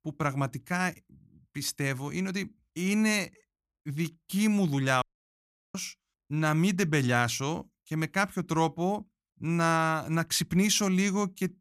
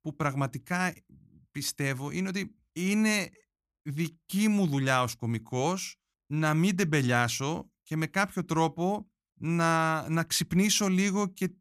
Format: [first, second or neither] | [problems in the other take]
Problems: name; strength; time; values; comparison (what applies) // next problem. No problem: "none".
second | audio cutting out; at 5 s for 0.5 s